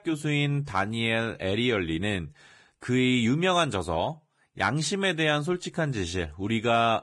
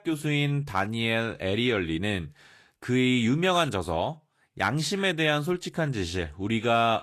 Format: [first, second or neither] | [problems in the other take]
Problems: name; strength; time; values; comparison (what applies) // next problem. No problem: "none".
second | garbled, watery; badly; slightly in the second